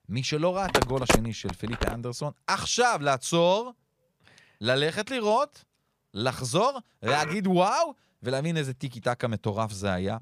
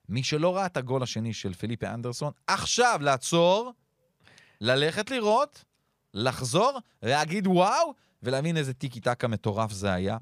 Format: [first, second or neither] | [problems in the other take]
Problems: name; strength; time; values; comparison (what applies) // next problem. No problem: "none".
second | phone ringing; loud; from 0.5 to 2 s; peak 3 dB above the speech // clattering dishes; noticeable; at 7 s; peak 6 dB below the speech